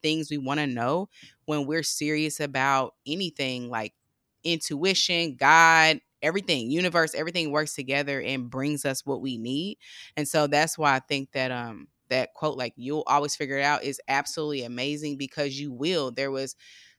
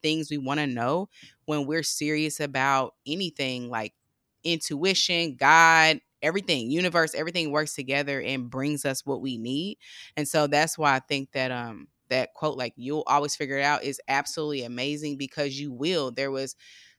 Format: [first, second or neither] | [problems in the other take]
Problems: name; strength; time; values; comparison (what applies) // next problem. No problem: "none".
neither | none